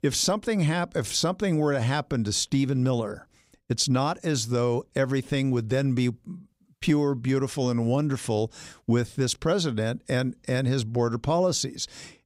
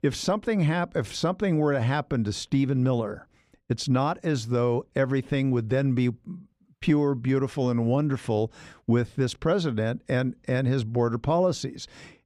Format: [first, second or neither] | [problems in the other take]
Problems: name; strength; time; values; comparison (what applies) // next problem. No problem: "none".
first | muffled; slightly; fading above 4 kHz